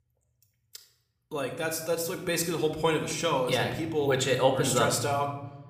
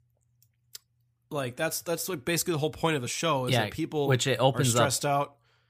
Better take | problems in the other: second | room echo; slight; dies away in 0.9 s

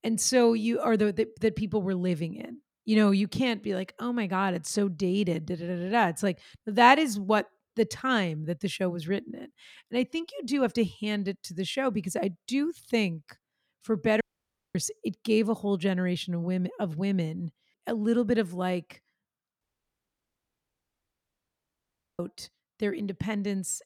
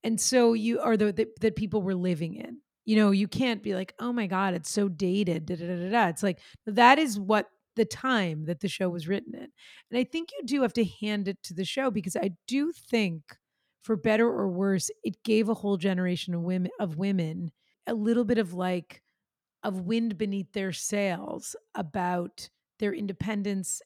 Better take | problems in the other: second | audio cutting out; at 14 s for 0.5 s and at 20 s for 2.5 s

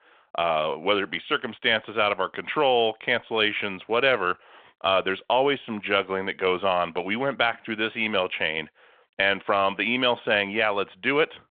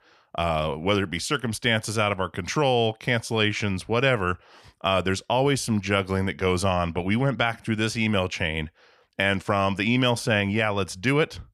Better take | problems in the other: second | phone-call audio

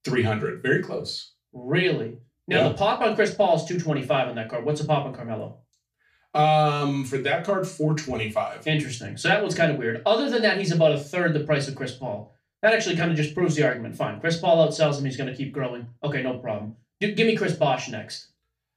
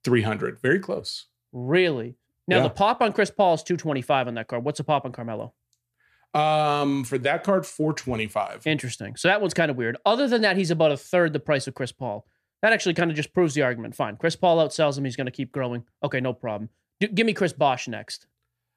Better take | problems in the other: second | room echo; slight; dies away in 0.3 s // off-mic speech; far

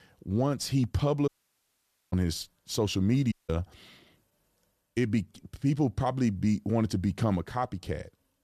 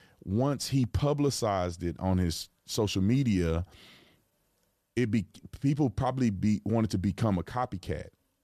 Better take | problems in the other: second | audio cutting out; at 1.5 s for 1 s and at 3.5 s

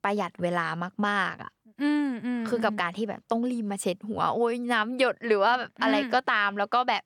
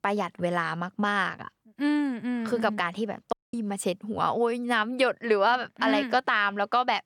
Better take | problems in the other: first | audio cutting out; at 3.5 s

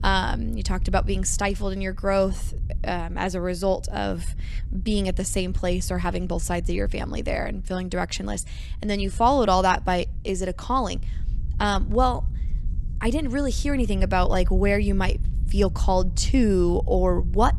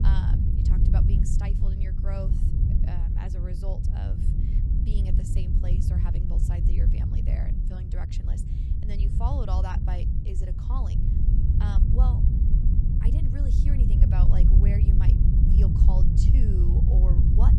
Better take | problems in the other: first | wind noise on the microphone; heavy; 2 dB above the speech; occasional gusts in the first

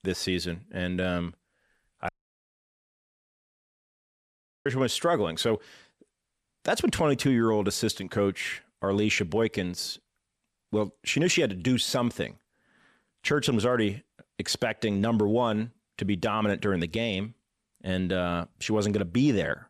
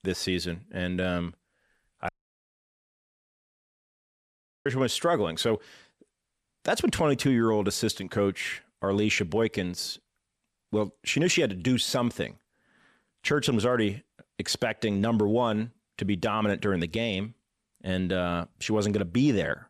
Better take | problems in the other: neither | audio cutting out; at 2 s for 2.5 s; the same in both

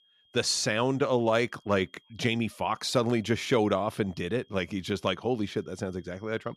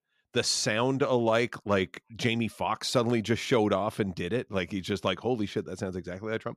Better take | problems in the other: second | high-pitched whine; faint; throughout; 3 kHz, 35 dB below the speech

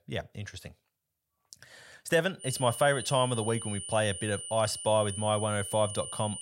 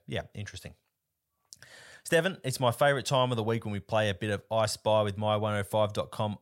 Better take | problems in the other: second | high-pitched whine; loud; from 2.5 s on; 9.5 kHz, 8 dB below the speech

